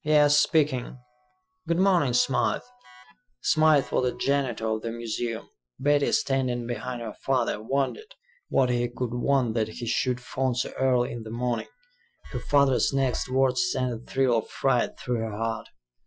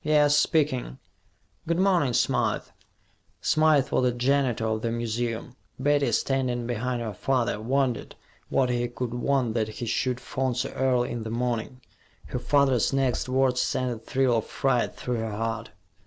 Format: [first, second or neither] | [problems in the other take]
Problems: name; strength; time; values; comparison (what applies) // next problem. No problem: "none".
second | noise reduction (classical method Wiener filter)